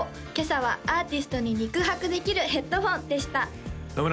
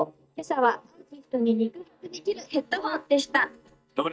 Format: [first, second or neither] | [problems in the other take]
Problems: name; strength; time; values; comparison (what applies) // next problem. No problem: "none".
first | noise reduction (neural mask model DeepFilterNet 3)